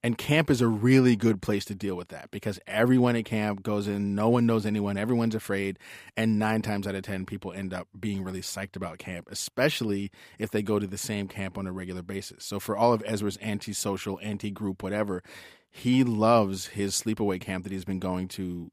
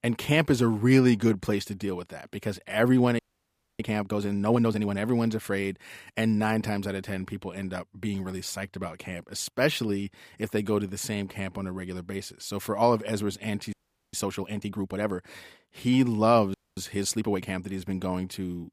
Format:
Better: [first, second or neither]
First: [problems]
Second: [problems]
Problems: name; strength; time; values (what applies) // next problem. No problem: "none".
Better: first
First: none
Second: audio freezing; at 3 s for 0.5 s, at 14 s and at 17 s